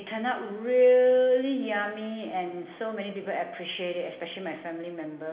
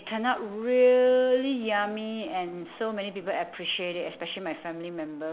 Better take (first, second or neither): second